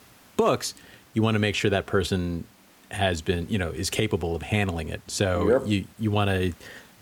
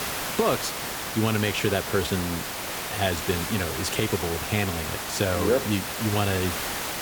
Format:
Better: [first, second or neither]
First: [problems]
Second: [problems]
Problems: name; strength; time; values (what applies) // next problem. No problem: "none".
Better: first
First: hiss; faint; throughout; 30 dB below the speech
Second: hiss; loud; throughout; 3 dB below the speech